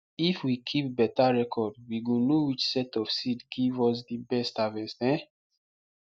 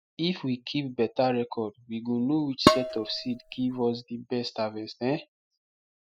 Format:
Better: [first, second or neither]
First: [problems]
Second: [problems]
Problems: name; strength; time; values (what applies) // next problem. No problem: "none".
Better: first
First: none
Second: noise reduction (classical method spectral subtraction)